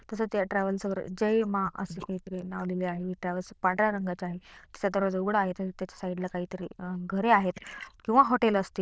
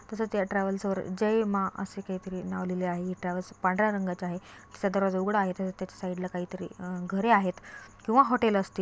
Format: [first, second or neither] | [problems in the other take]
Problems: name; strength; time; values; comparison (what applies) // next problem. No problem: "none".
second | noise reduction (neural diffusion model UNIVERSE++)